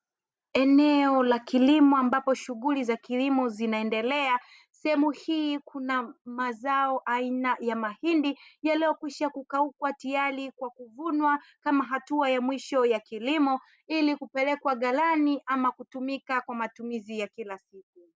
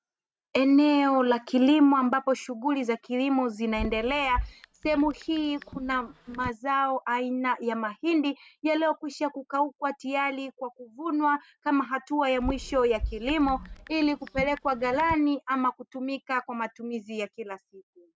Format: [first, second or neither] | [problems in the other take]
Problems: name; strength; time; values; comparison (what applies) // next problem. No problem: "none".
first | noise reduction (neural mask model RNNoise)